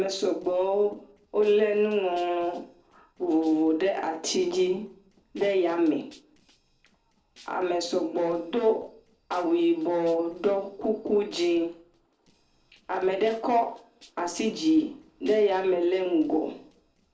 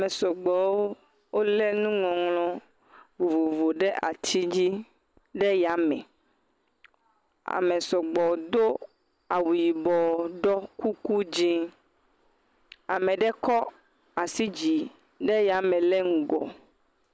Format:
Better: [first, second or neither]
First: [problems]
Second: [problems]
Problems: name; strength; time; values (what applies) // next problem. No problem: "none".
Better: second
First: noise reduction (neural separator model SepFormer DNS4)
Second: none